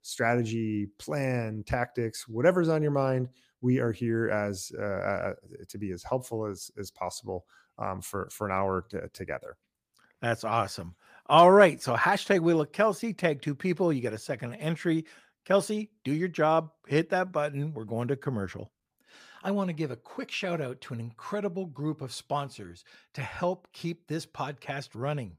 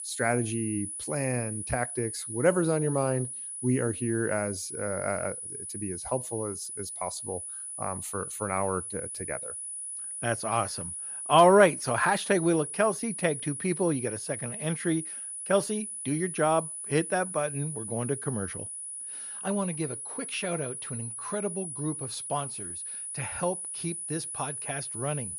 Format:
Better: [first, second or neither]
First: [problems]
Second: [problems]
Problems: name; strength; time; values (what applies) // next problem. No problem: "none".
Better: first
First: none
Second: high-pitched whine; loud; throughout; 10 kHz, 5 dB below the speech